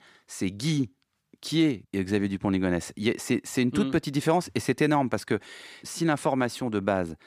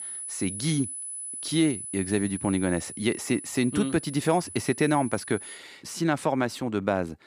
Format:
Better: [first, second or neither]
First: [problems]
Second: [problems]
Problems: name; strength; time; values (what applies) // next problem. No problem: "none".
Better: first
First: none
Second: high-pitched whine; loud; until 5.5 s; 10 kHz, 9 dB below the speech